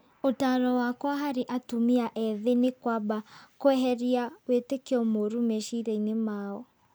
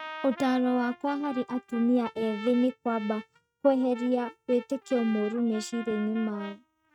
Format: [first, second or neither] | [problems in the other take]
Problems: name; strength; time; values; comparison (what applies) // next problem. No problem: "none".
first | noise reduction (neural mask model RNNoise)